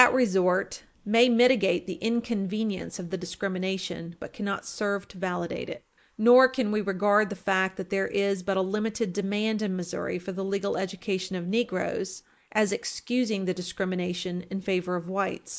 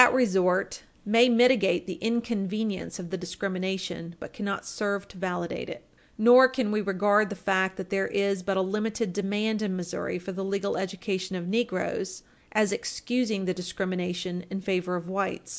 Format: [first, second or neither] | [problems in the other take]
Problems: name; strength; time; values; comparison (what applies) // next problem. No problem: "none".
second | noise reduction (neural mask model Resemble Enhance denoiser)